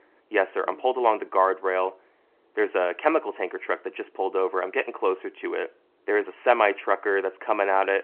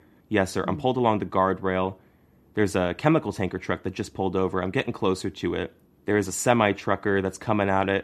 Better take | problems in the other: second | phone-call audio

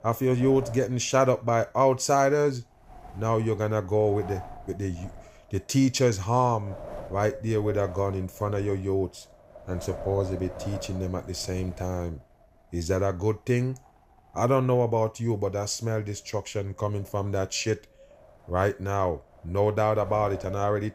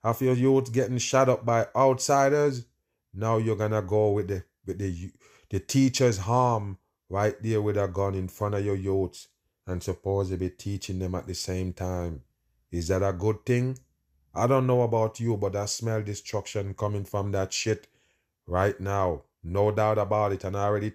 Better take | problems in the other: second | wind noise on the microphone; occasional gusts; 15 dB below the speech

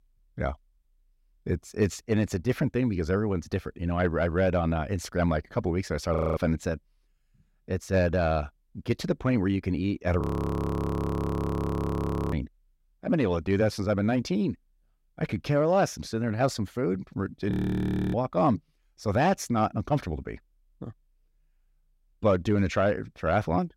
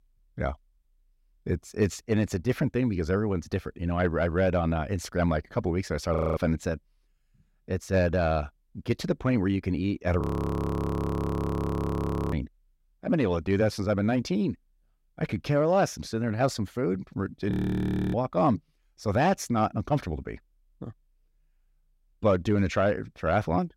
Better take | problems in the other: neither | audio freezing; at 6 s, at 10 s for 2 s and at 18 s for 0.5 s; the same in both

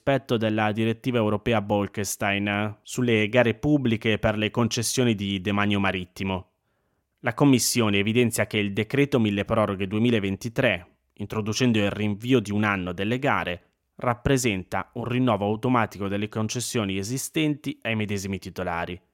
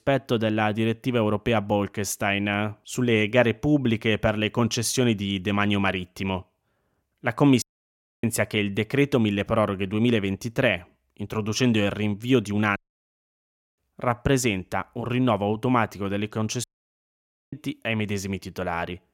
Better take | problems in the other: first | audio cutting out; at 7.5 s for 0.5 s, at 13 s for 1 s and at 17 s for 1 s

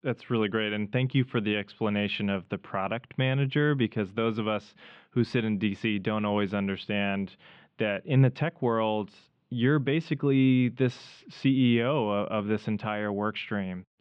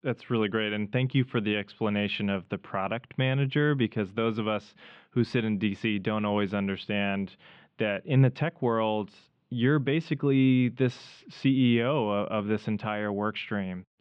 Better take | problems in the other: neither | muffled; very; fading above 3 kHz; the same in both

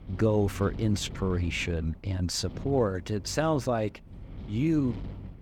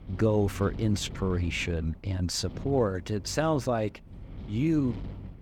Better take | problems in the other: neither | wind noise on the microphone; occasional gusts; 20 dB below the speech; the same in both

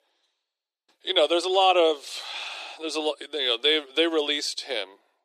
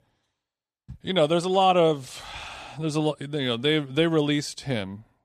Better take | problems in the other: second | thin; very; fading below 350 Hz

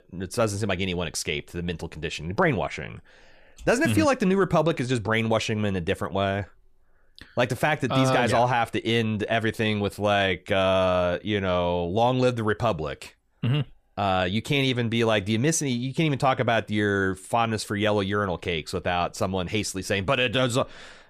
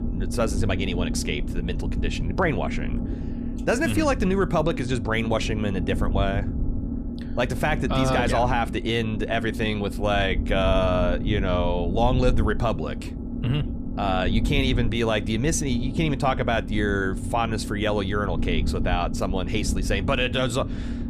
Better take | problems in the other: first | low rumble; noticeable; throughout; 10 dB below the speech

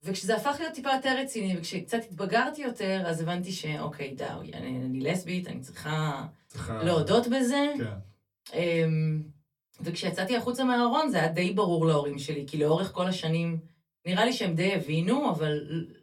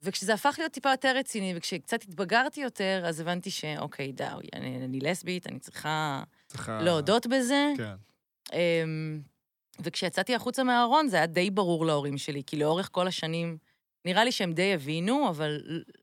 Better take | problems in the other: second | off-mic speech; far // room echo; very slight; dies away in 0.2 s

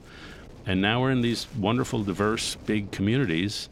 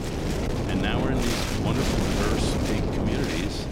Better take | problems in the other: first | wind noise on the microphone; heavy; 3 dB above the speech; occasional gusts in the first

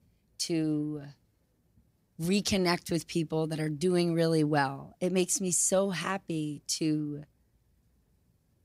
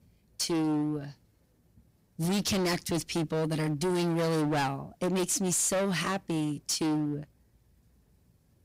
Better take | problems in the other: first | distortion; heavy; 19% of the sound clipped

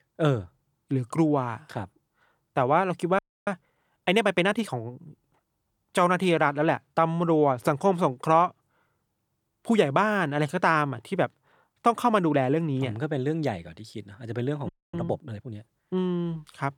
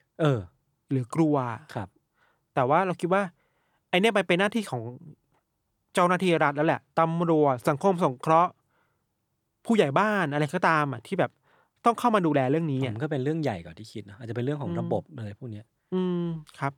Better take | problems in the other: second | audio freezing; at 3 s and at 15 s

